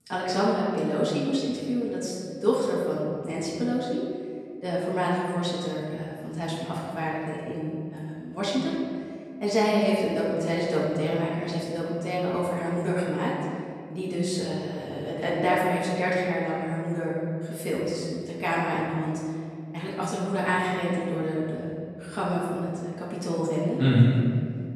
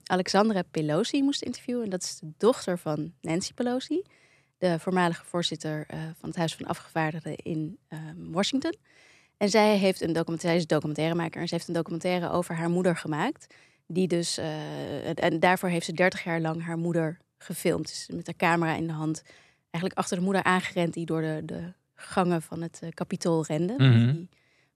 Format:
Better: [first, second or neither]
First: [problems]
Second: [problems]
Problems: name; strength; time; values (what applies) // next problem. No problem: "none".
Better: second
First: off-mic speech; far // room echo; noticeable; dies away in 2 s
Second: none